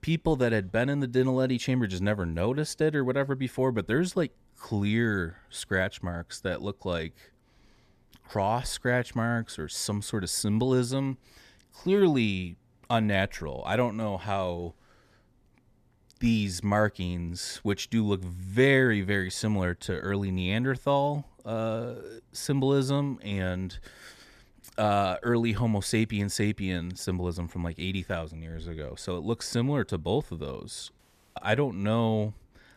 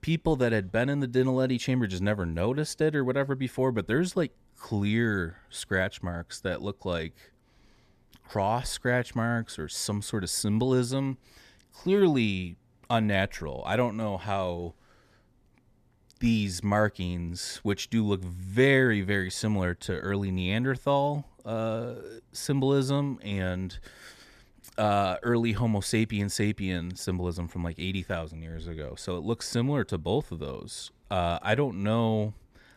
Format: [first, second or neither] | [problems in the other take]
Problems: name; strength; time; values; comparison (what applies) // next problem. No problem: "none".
second | audio cutting out; at 31 s